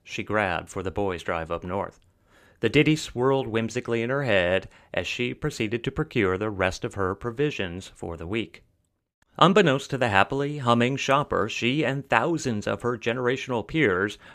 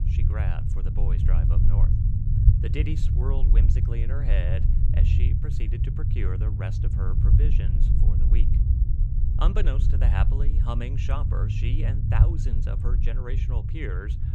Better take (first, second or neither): first